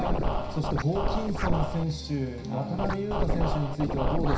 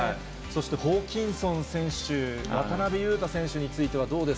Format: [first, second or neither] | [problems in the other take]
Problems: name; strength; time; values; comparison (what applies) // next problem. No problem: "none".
second | background sound (Scratching (performance technique)); 2 dB above the speech // room echo; dies away in 0.5 s